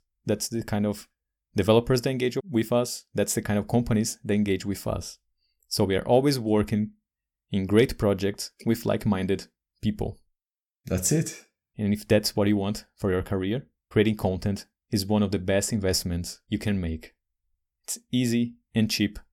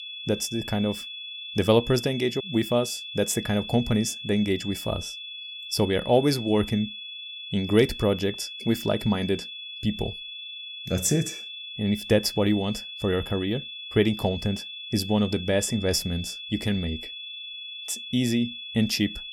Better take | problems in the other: first | high-pitched whine; loud; throughout; 3.5 kHz, 9 dB below the speech

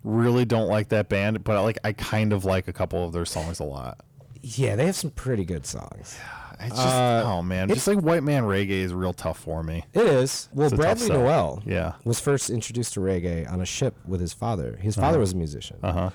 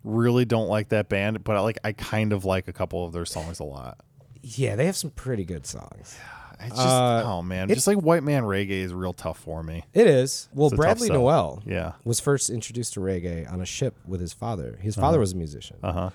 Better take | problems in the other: second | distortion; slight; 10 dB below the speech

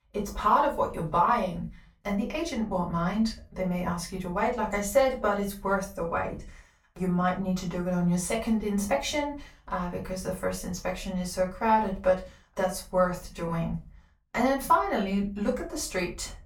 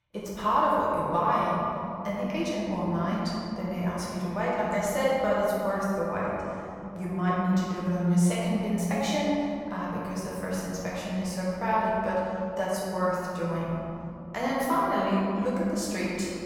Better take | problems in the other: first | room echo; strong; dies away in 2.7 s; slight in the first // off-mic speech; far; far in the first

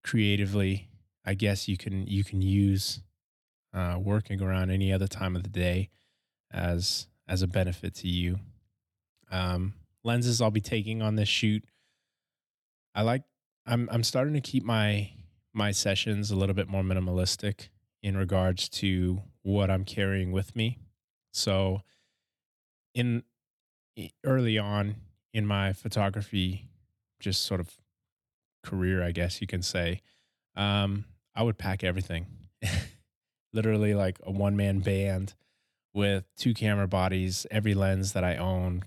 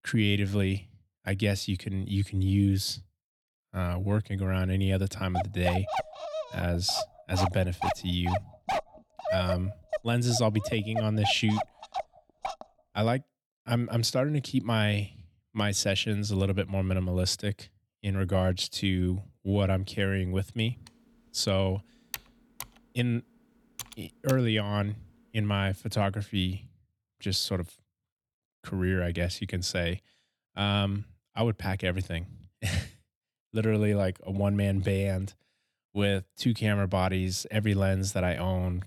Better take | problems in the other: first | dog barking; noticeable; from 5.5 to 13 s; peak 2 dB below the speech // keyboard typing; faint; from 21 to 24 s; peak 10 dB below the speech

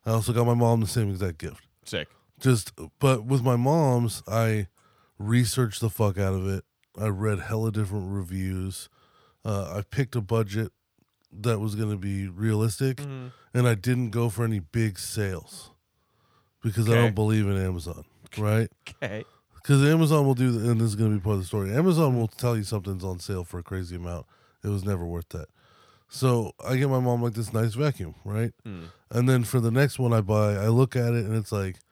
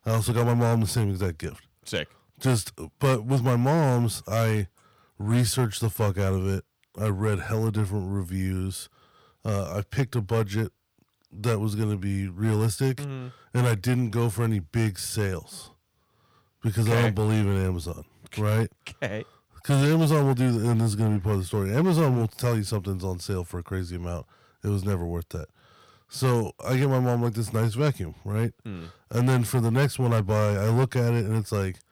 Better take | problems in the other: first | distortion; slight; 6% of the sound clipped

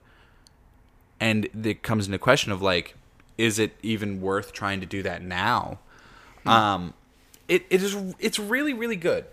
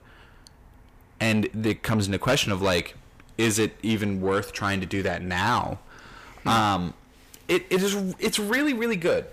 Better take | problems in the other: first | distortion; heavy; 8 dB below the speech

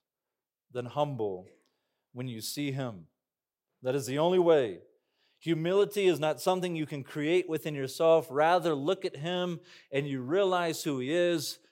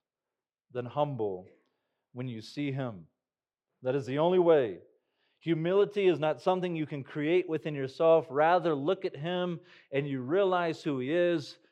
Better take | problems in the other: first | muffled; slightly; fading above 3 kHz

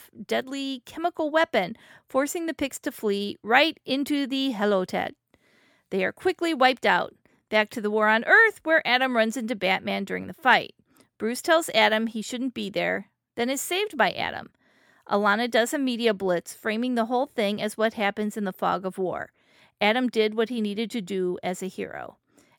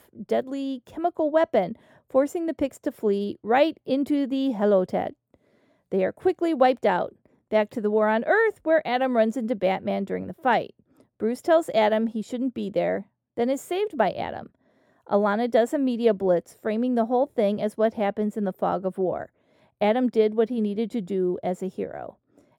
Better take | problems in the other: first | muffled; slightly; fading above 1 kHz

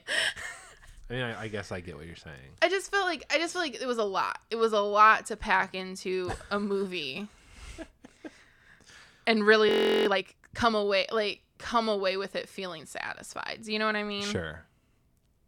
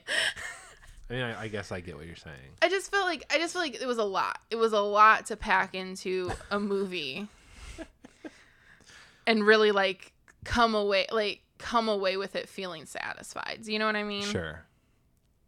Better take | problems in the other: second | audio freezing; at 9.5 s

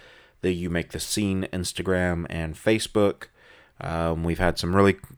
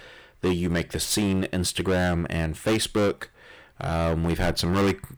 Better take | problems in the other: first | distortion; heavy; 13% of the sound clipped

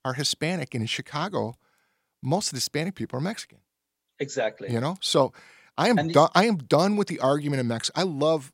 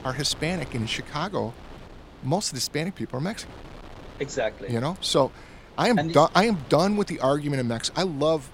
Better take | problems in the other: first | wind noise on the microphone; occasional gusts; 20 dB below the speech

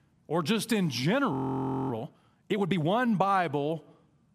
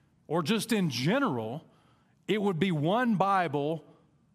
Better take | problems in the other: second | audio freezing; at 1.5 s for 0.5 s

